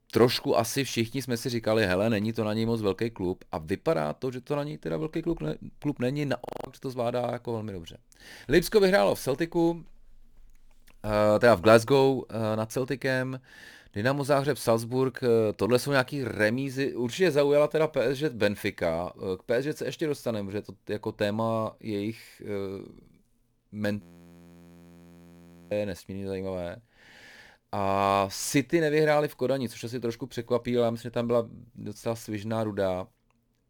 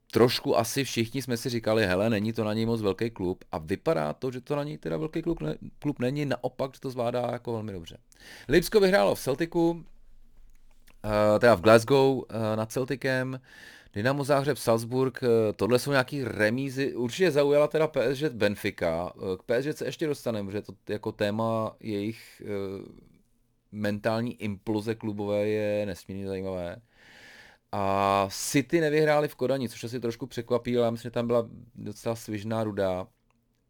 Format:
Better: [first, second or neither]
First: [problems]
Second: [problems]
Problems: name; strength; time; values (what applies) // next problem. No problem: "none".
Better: second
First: audio freezing; at 6.5 s and at 24 s for 1.5 s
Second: none